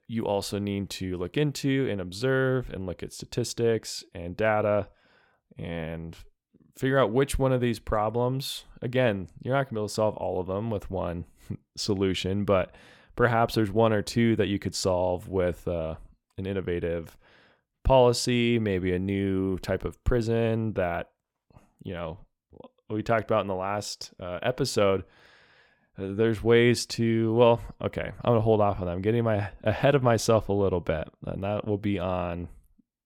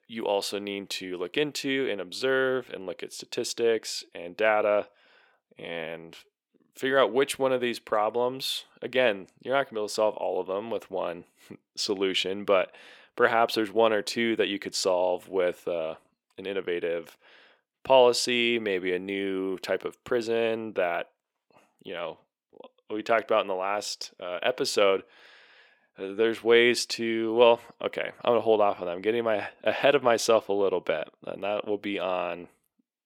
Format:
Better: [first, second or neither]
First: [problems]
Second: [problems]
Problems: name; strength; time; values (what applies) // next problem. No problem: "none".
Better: first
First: none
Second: thin; somewhat; fading below 400 Hz